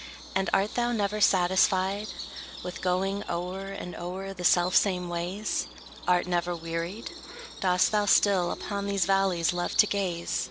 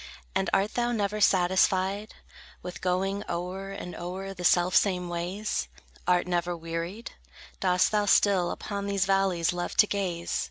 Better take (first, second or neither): second